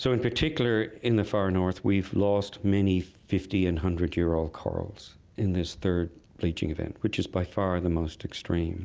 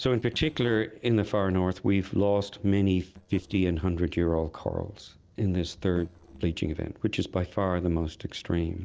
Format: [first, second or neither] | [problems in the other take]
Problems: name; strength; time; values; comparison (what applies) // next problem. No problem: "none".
first | noise reduction (neural separator model SepFormer DNS4)